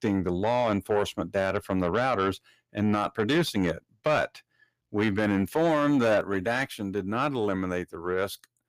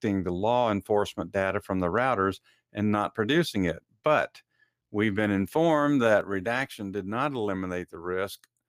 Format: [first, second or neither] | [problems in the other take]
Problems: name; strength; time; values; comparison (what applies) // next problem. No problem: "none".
second | distortion; slight; 10 dB below the speech